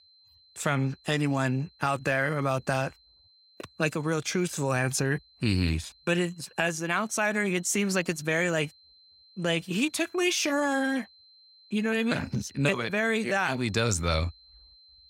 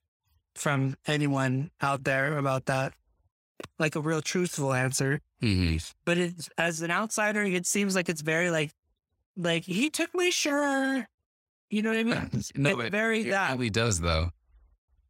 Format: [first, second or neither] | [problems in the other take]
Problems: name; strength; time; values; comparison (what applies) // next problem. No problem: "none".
second | high-pitched whine; faint; throughout; 4 kHz, 30 dB below the speech